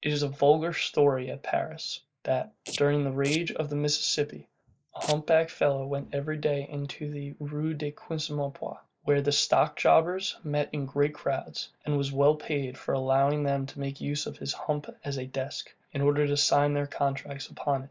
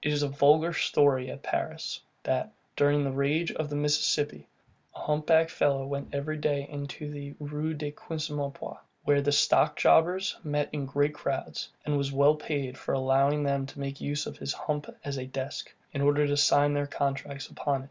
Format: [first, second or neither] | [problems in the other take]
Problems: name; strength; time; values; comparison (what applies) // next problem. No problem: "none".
second | noise reduction (neural mask model Resemble Enhance denoiser)